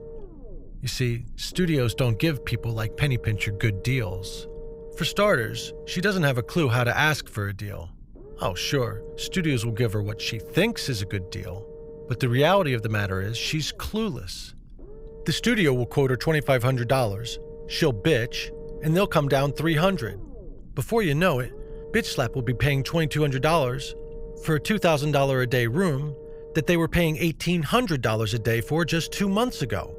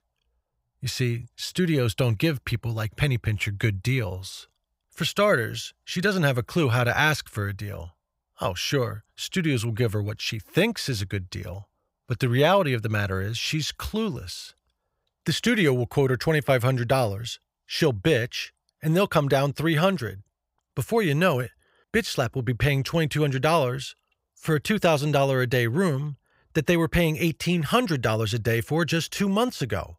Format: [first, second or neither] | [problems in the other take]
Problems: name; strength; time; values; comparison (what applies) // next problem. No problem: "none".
second | low rumble; noticeable; throughout; 15 dB below the speech